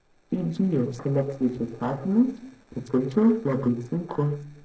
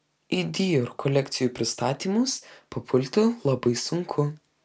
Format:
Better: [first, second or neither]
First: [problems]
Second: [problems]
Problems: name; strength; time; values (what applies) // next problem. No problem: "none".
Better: second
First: noise reduction (neural separator model SepFormer DNS4)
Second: none